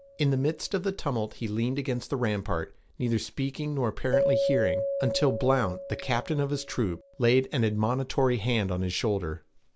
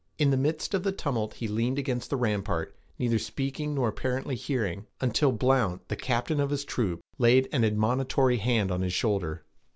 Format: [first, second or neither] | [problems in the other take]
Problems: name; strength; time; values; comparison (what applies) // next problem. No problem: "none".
second | background sound (Keyboard (musical)); 7 dB below the speech